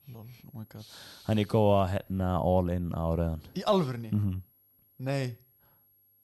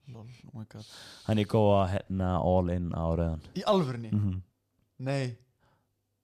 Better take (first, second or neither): second